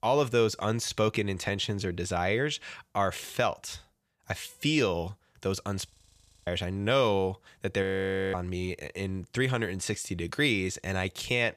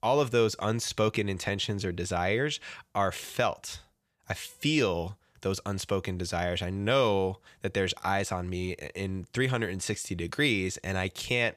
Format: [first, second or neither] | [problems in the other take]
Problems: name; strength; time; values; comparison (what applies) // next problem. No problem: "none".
second | audio freezing; at 6 s for 0.5 s and at 8 s for 0.5 s